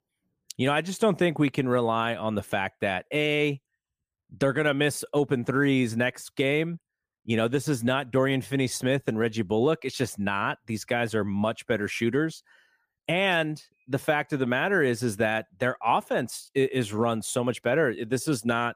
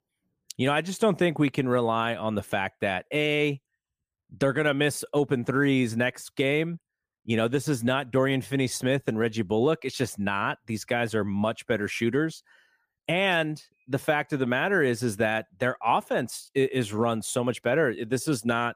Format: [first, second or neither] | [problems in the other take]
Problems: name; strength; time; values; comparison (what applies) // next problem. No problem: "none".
neither | none